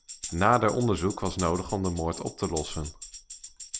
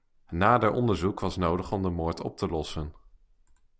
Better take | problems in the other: second | background sound (Tambourine); 13 dB below the speech

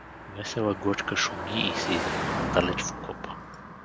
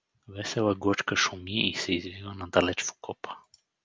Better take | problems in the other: second | background sound (Car passing by); 3 dB below the speech

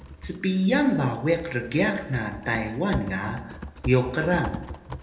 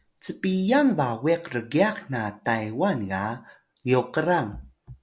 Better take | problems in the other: second | background sound (Typing); 13 dB below the speech // room echo; dies away in 0.8 s

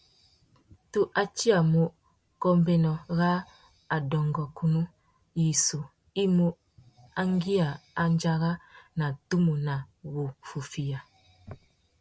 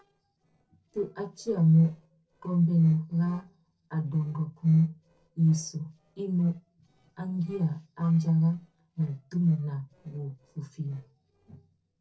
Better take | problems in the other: first | noise reduction (neural separator model SepFormer DNS4)

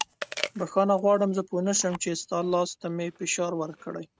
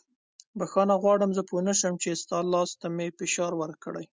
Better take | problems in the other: second | noise reduction (neural mask model RNNoise)

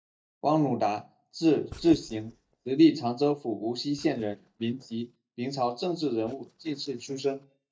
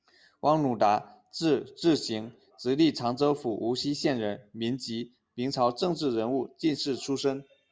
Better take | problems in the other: second | noise reduction (neural mask model DeepFilterNet 3)

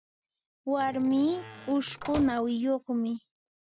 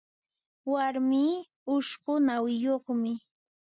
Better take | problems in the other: second | background sound (Slam); 13 dB below the speech

